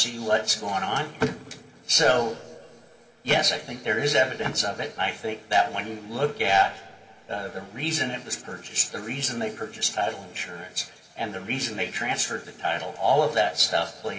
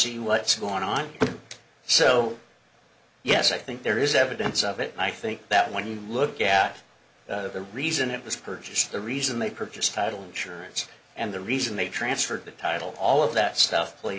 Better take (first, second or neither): second